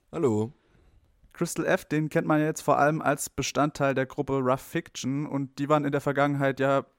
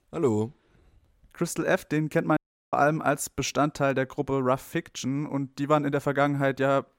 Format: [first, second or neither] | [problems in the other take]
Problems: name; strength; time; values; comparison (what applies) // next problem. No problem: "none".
first | audio cutting out; at 2.5 s